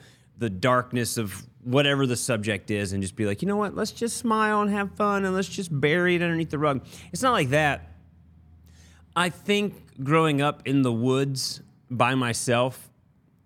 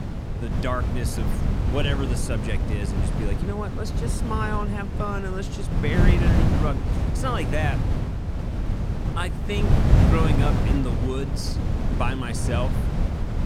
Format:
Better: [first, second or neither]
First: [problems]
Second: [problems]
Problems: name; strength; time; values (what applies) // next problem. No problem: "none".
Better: first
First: none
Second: wind noise on the microphone; heavy; 3 dB below the speech